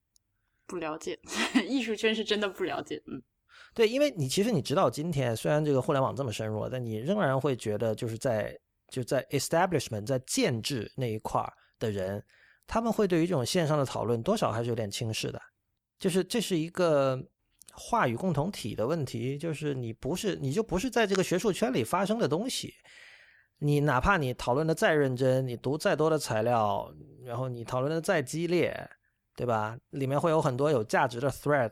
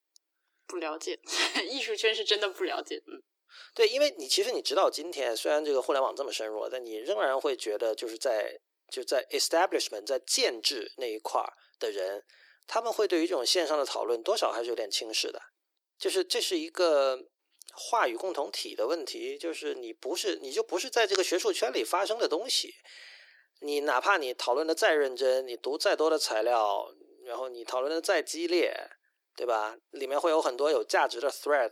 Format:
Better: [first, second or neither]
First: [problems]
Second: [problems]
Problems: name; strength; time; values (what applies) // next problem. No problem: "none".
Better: first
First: none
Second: thin; very; fading below 350 Hz